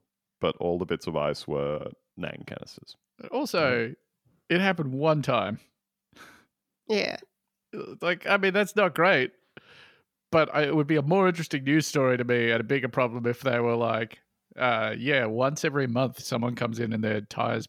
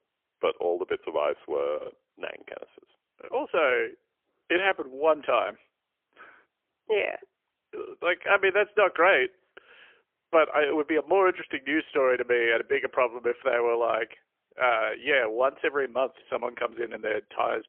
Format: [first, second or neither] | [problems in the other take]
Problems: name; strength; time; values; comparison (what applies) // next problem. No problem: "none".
first | phone-call audio; poor line; nothing above 3 kHz